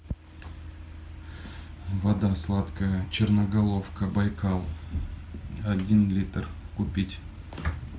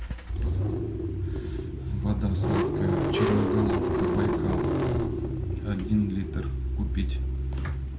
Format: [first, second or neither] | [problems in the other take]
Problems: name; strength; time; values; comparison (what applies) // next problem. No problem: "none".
first | background sound (Engine starting / Car); 4 dB above the speech